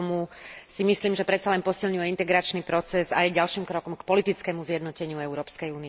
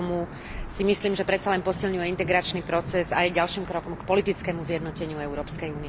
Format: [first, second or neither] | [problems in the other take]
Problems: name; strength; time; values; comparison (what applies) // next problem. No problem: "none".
first | background sound (Thunder / Wind / Rain); 11 dB below the speech